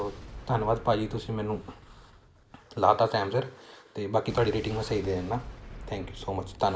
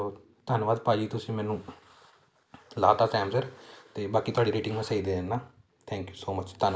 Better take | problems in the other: second | background sound (Explosion); 15 dB below the speech

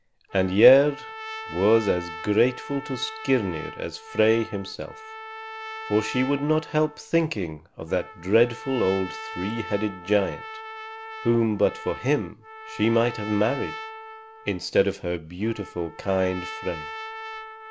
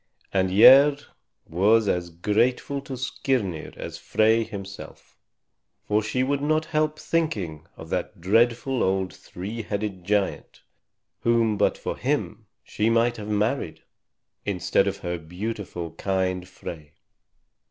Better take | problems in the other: second | background sound (Trumpet); 13 dB below the speech

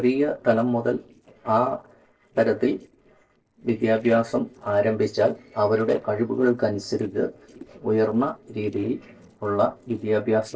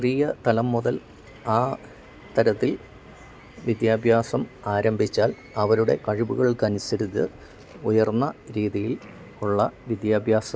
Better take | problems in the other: second | noise reduction (neural separator model SepFormer DNS4)

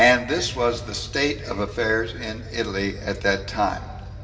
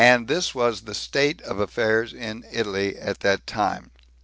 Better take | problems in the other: second | background sound (Engine starting / Car); 12 dB below the speech // room echo; dies away in 2.6 s

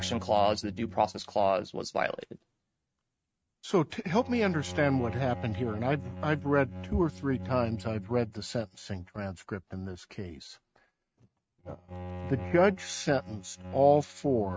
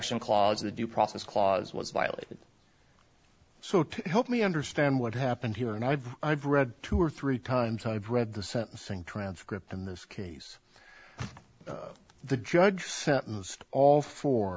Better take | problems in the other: second | noise reduction (neural mask model RNNoise)

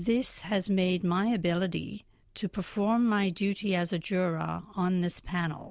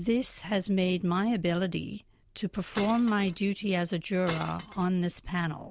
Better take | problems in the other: first | background sound (Glass); 13 dB below the speech

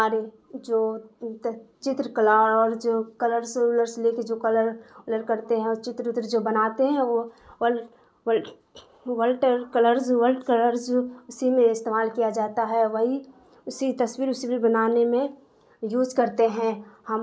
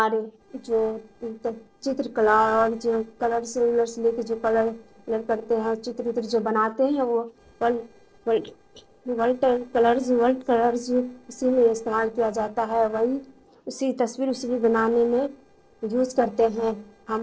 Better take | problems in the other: first | noise reduction (neural separator model SepFormer DNS4)

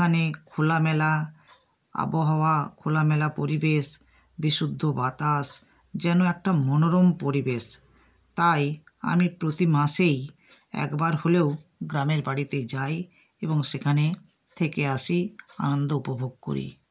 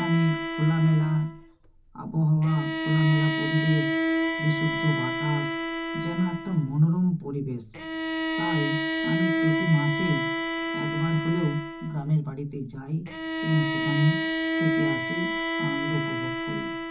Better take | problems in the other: first | background sound (Bowed string instrument); 2 dB below the speech // room echo; dies away in 0.4 s

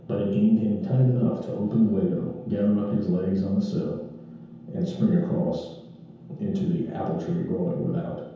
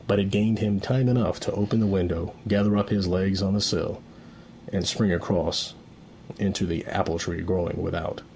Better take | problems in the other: second | room echo; dies away in 0.9 s

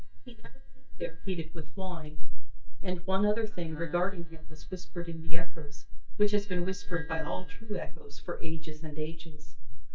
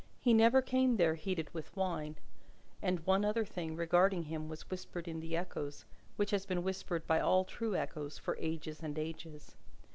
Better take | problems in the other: second | noise reduction (neural mask model DeepFilterNet 3)

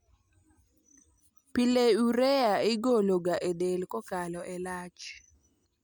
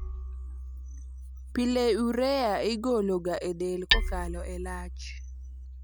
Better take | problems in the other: first | background sound (Hammer); 5 dB below the speech

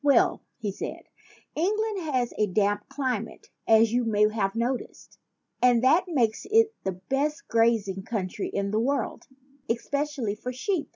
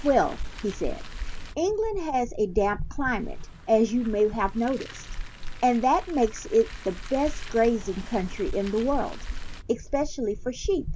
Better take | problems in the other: first | background sound (Car); 8 dB below the speech

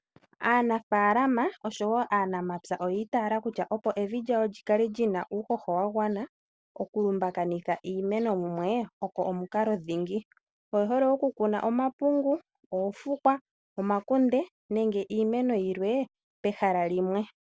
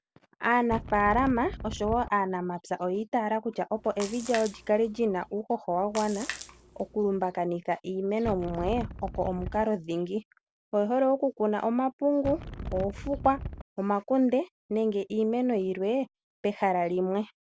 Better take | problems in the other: first | background sound (Splash, splatter + Wind); 10 dB below the speech

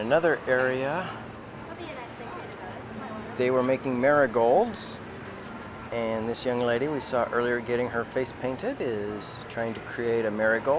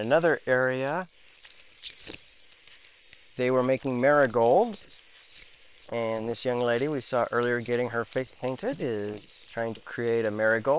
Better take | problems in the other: first | noise reduction (neural separator model SepFormer WHAM!)

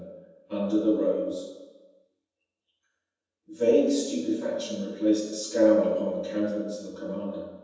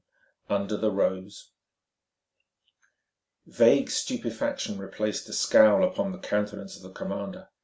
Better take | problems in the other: second | room echo; dies away in 1.1 s

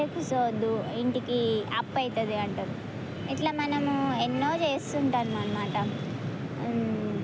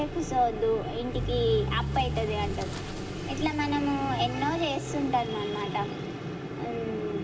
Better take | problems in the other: first | background sound (Accelerating, revving, vroom / Motor vehicle (road)); 7 dB below the speech // room echo; dies away in 0.8 s

